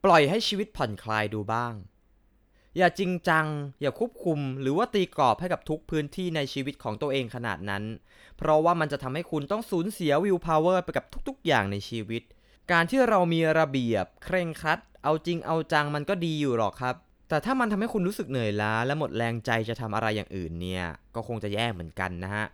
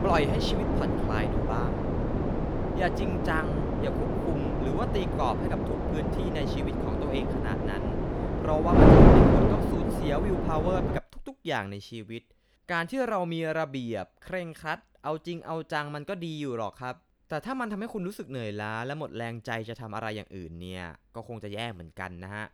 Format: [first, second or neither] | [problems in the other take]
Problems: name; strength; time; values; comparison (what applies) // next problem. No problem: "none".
first | wind noise on the microphone; heavy; until 11 s; 5 dB above the speech